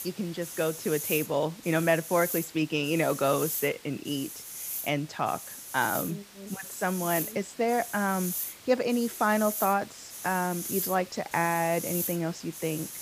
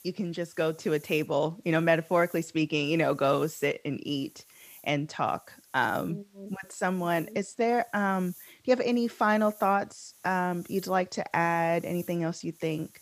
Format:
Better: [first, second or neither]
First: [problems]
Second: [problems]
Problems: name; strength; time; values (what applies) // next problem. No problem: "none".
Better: second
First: hiss; loud; throughout; 7 dB below the speech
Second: hiss; faint; throughout; 25 dB below the speech